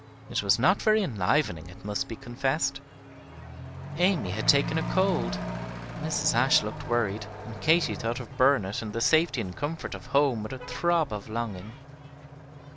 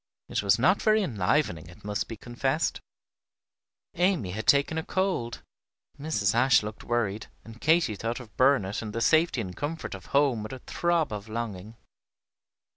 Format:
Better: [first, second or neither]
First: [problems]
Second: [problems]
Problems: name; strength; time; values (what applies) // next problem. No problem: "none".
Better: second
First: background sound (Accelerating, revving, vroom / Truck); 9 dB below the speech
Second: none